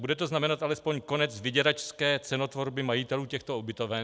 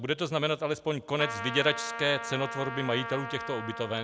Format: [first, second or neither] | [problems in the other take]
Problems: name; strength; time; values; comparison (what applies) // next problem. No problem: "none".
first | background sound (Trumpet); 8 dB below the speech